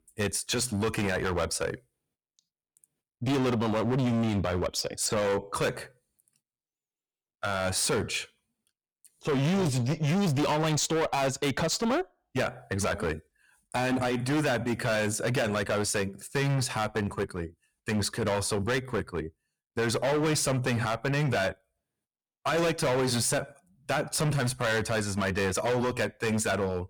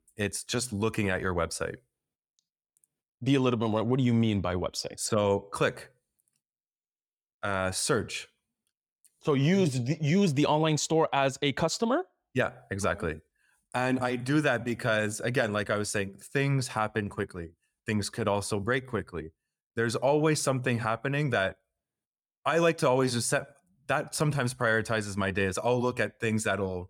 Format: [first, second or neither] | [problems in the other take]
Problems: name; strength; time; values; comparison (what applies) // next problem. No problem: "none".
second | distortion; heavy; 17% of the sound clipped